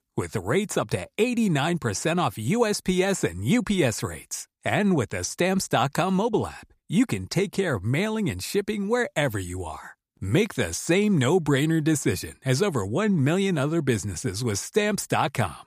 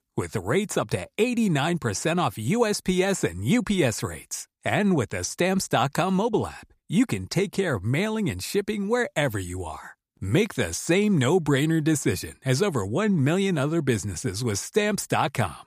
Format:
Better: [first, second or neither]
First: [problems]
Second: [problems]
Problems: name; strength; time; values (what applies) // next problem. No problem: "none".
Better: neither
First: none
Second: none